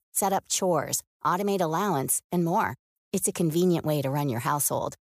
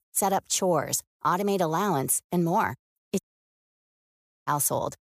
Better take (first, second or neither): first